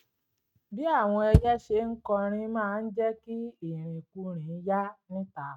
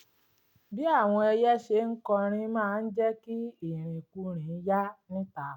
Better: second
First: noise reduction (neural mask model RNNoise)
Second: none

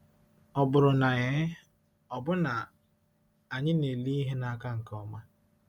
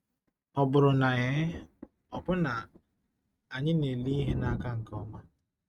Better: first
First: none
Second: noise reduction (neural mask model RNNoise)

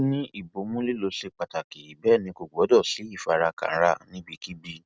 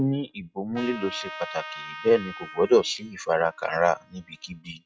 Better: first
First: none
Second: noise reduction (classical method log-MMSE)

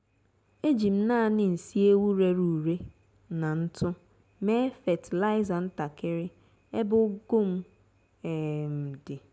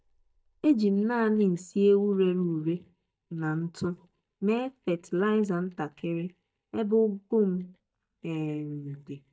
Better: first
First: none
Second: noise reduction (neural mask model DeepFilterNet 3)

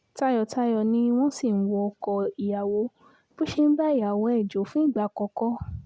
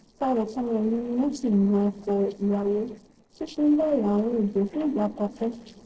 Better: first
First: none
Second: noise reduction (neural separator model SepFormer DNS4)

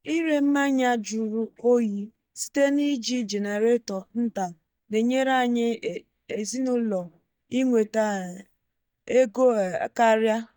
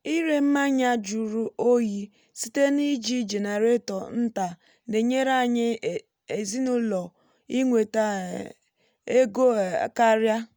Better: second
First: noise reduction (neural mask model DeepFilterNet 3)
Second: none

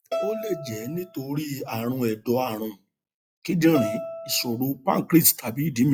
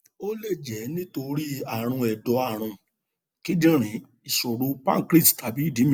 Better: second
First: noise reduction (classical method log-MMSE)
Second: none

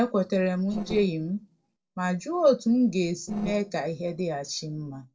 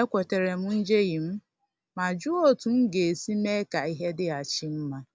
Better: second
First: noise reduction (neural separator model SepFormer DNS4)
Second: none

